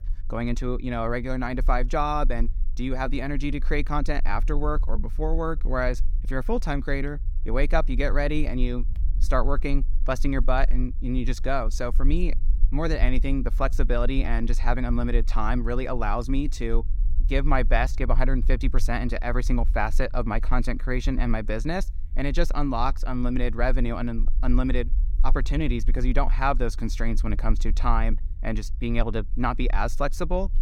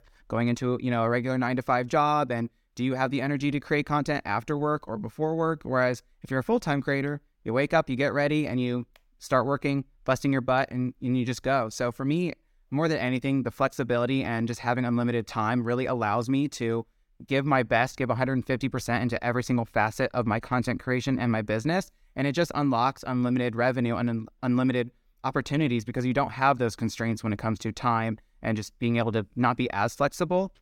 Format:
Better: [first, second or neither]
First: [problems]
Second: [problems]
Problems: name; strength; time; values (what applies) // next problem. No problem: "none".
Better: second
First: low rumble; faint; throughout; 25 dB below the speech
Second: none